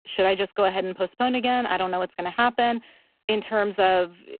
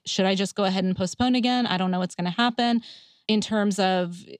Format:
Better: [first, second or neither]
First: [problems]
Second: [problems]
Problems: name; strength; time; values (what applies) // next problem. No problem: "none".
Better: second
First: phone-call audio; poor line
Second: none